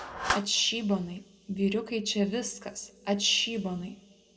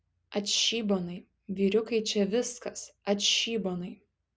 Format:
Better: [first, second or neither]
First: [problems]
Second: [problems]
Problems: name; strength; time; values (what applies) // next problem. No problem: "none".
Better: second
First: background sound (Clapping); 10 dB below the speech // room echo; dies away in 2.3 s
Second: none